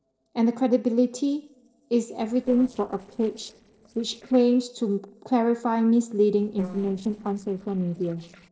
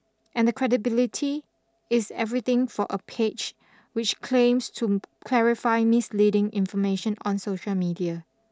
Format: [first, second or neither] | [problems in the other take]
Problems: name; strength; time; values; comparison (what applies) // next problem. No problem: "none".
second | noise reduction (neural separator model SepFormer DNS4)